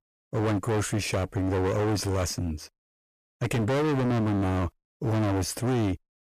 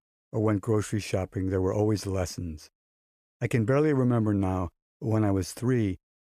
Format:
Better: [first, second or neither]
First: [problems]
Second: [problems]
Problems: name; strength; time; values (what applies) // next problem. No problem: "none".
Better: second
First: distortion; heavy; 28% of the sound clipped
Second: none